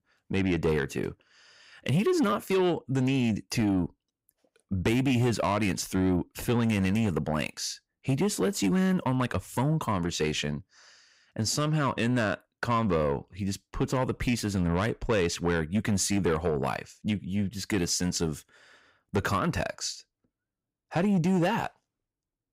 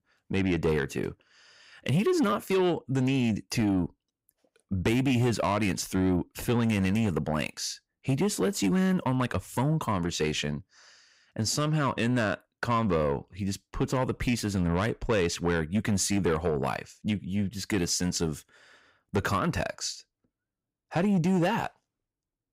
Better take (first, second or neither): neither